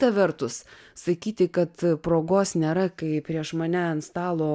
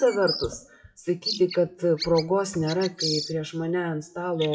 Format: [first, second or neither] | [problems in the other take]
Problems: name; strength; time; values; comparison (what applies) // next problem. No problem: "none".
first | noise reduction (classical method WPE with log-MMSE)